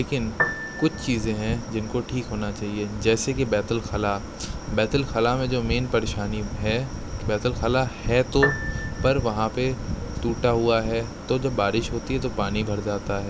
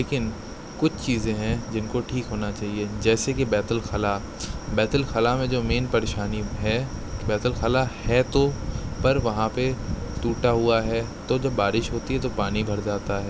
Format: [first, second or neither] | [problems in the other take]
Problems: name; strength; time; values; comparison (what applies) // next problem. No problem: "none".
second | background sound (Piano); 6 dB below the speech